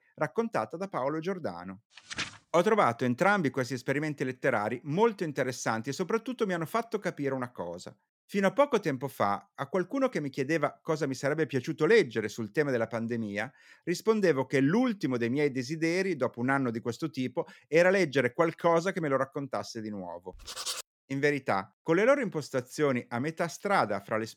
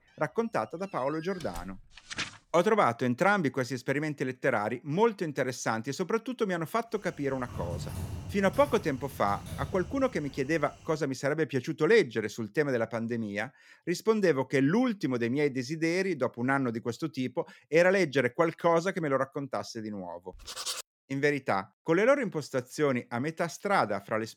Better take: first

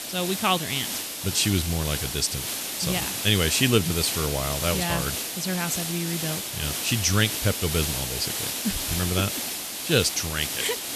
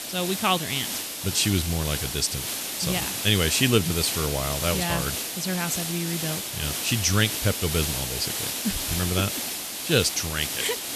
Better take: neither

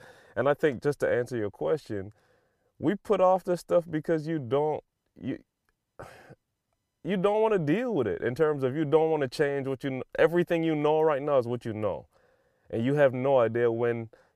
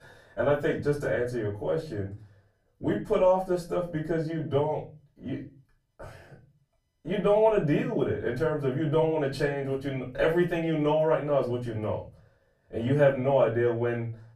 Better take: first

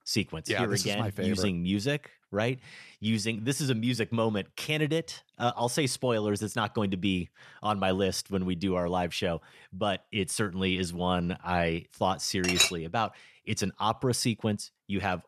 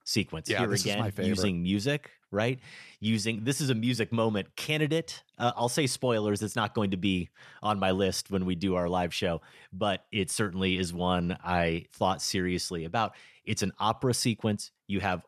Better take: second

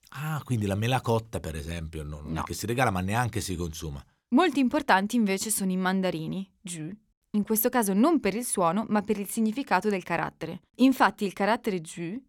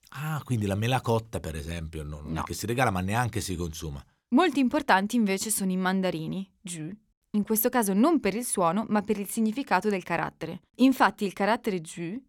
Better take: neither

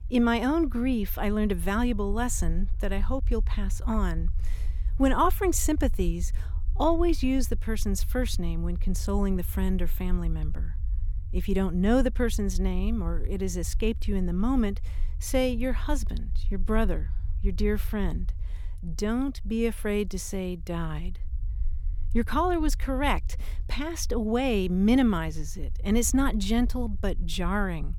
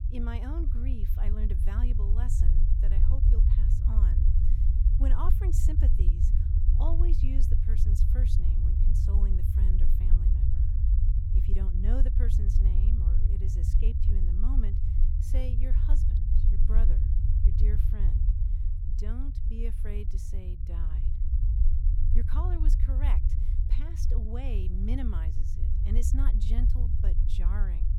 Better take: first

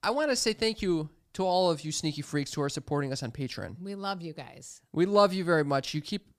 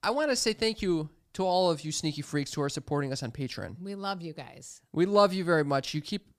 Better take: neither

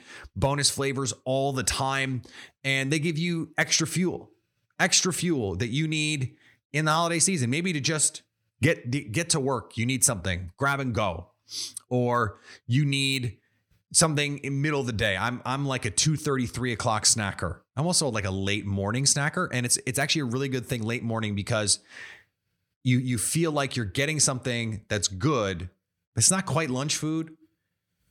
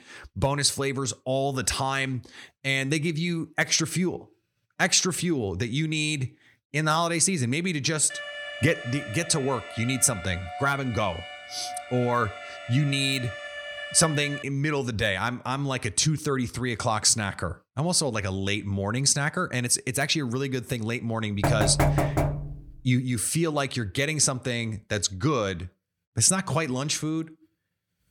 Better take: first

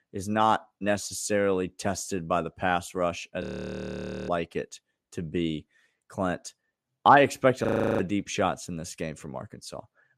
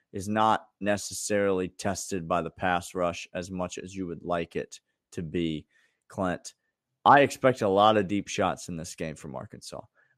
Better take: second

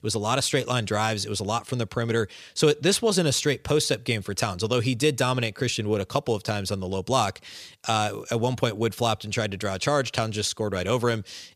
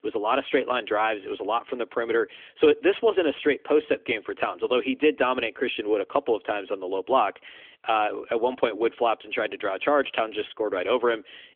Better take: first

